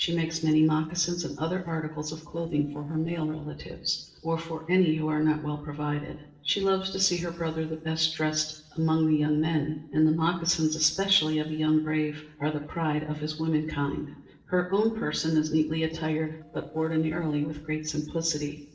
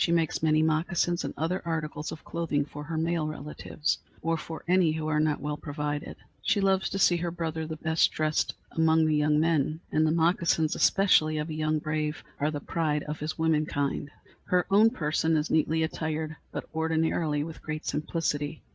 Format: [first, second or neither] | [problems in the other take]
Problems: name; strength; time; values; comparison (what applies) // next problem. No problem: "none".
second | noise reduction (neural separator model SepFormer DNS4)